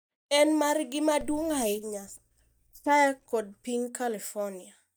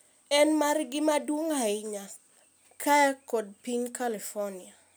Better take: second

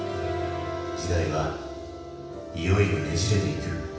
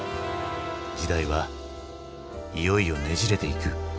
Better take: second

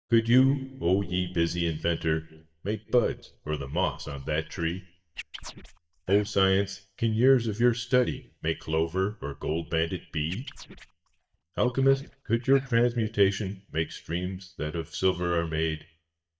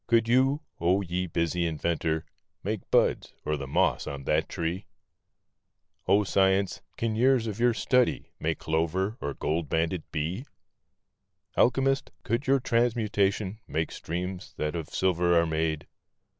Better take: second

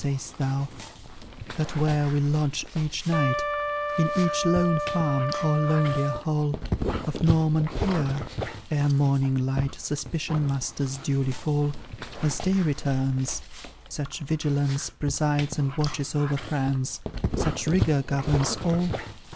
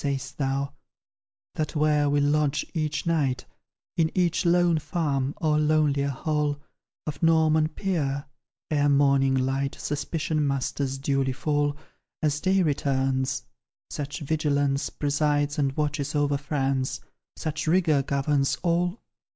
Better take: second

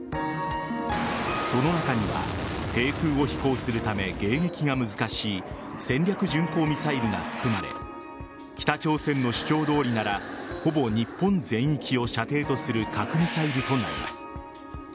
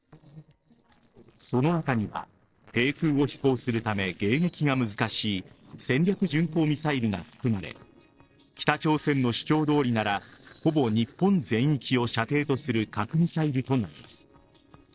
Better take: first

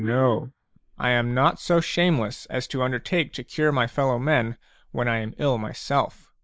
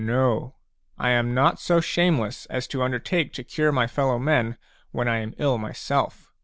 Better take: second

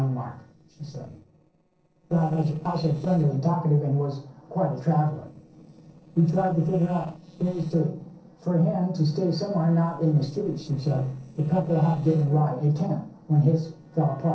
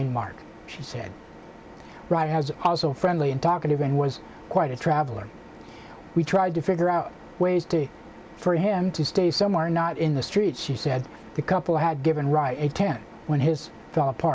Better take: second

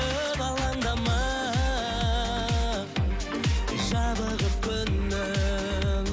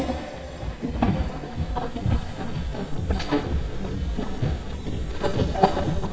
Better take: first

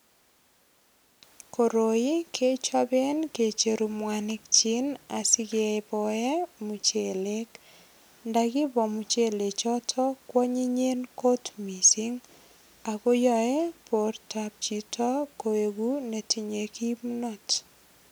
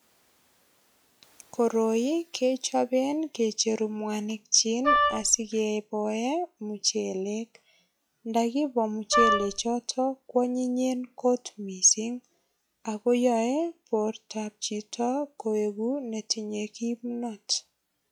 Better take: first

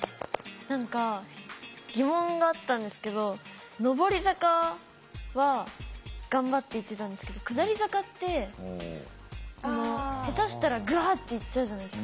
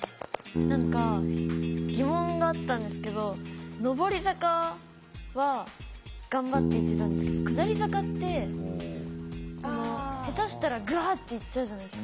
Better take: first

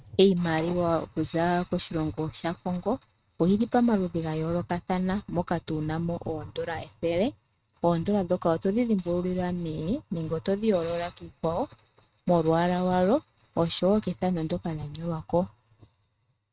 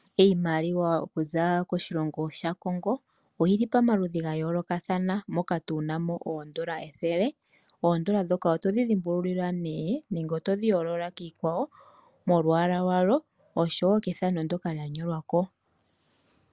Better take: second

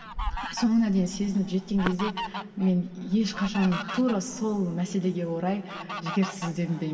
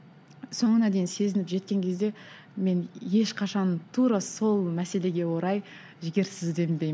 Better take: second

